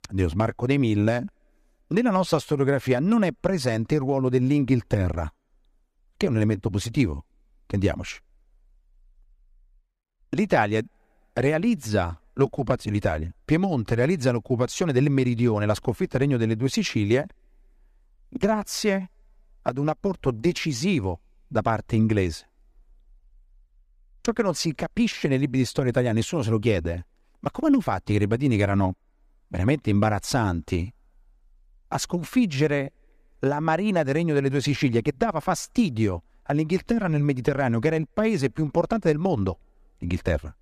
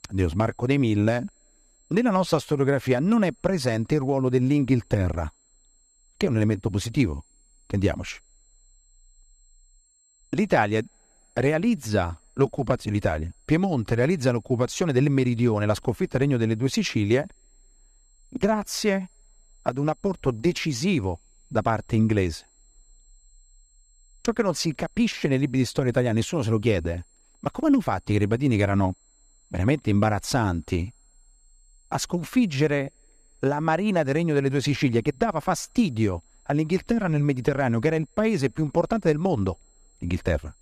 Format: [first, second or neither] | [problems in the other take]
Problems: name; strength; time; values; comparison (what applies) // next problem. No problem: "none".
first | high-pitched whine; faint; throughout; 7.5 kHz, 35 dB below the speech